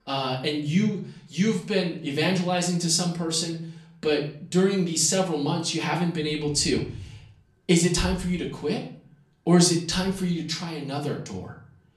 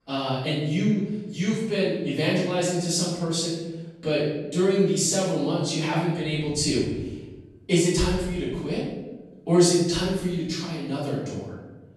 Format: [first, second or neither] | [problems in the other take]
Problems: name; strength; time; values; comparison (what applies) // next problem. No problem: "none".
first | room echo; strong; dies away in 1.1 s; slight in the first // off-mic speech; far; far in the first